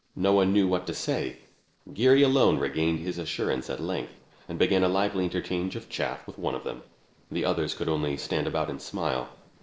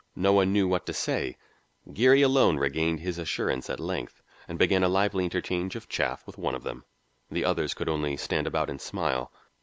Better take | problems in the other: second | noise reduction (neural separator model SepFormer DNS4)

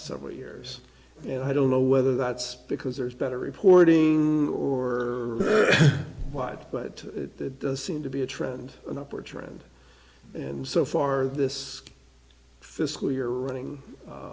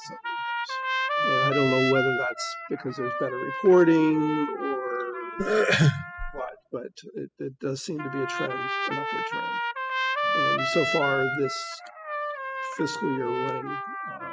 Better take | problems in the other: first | noise reduction (classical method spectral subtraction)

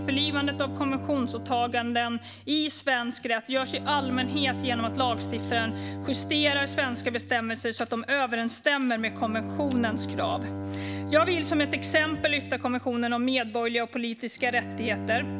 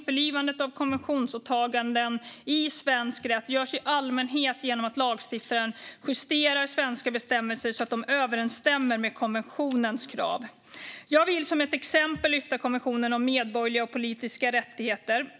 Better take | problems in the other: second | background sound (Bowed string instrument); 8 dB below the speech

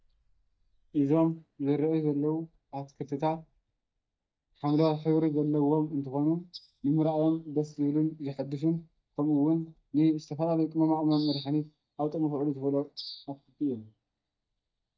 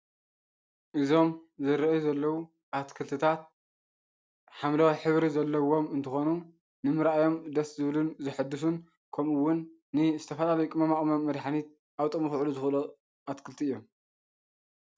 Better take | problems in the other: second | noise reduction (neural mask model DeepFilterNet 3)

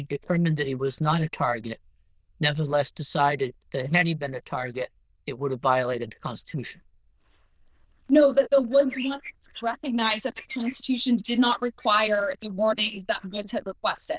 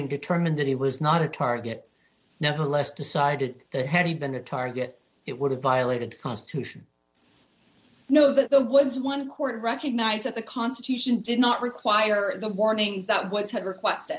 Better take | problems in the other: second | noise reduction (neural diffusion model UNIVERSE++)

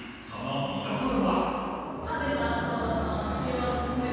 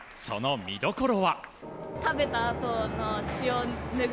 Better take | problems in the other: second | room echo; dies away in 2.1 s

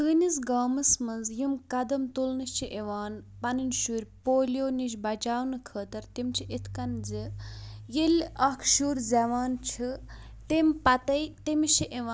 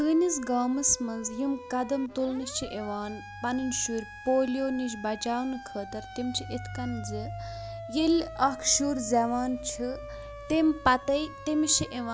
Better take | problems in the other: first | background sound (Siren); 14 dB below the speech

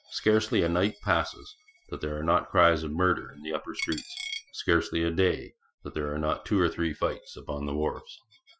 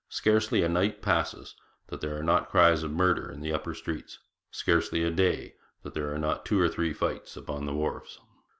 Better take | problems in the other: second | noise reduction (classical method Wiener filter)

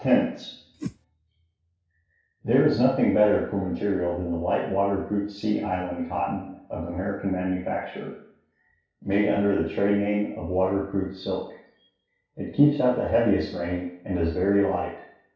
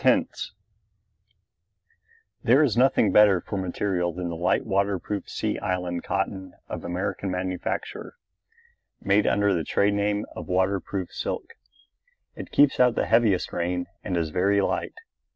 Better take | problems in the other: second | background sound (Whoosh, swoosh, swish); 9 dB below the speech // room echo; dies away in 0.6 s

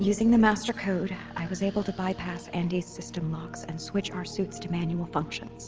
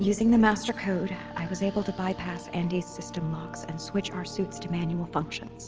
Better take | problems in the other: first | background sound (Wind instrument, woodwind instrument); 19 dB below the speech

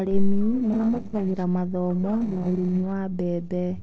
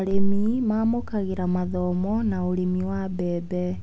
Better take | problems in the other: second | noise reduction (neural separator model SepFormer DNS4)

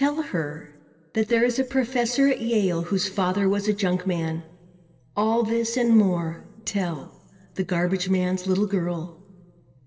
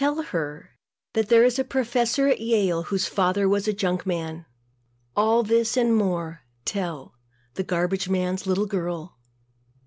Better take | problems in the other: second | room echo; dies away in 1.7 s

